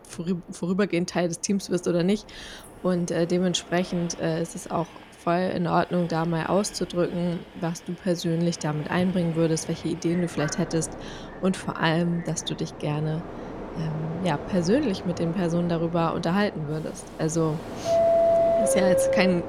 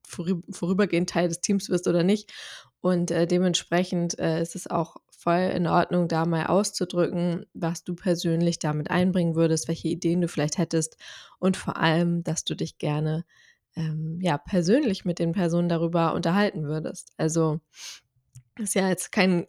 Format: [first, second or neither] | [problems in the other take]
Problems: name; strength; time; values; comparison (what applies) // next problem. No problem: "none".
second | train or aircraft noise; loud; throughout; 3 dB below the speech